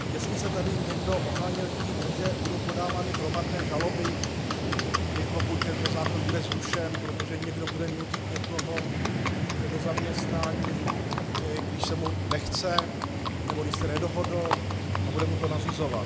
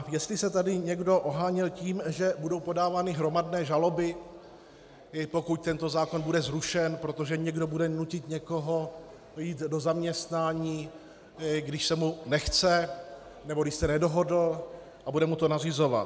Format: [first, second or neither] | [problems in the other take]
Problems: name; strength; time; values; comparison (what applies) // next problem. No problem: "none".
second | background sound (Livestock, farm animals, working animals); 5 dB above the speech